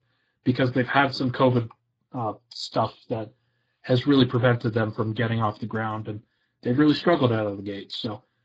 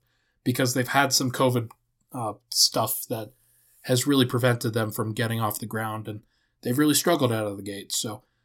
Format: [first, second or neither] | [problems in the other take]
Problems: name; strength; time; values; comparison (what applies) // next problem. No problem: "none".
second | garbled, watery; badly; nothing above 7.5 kHz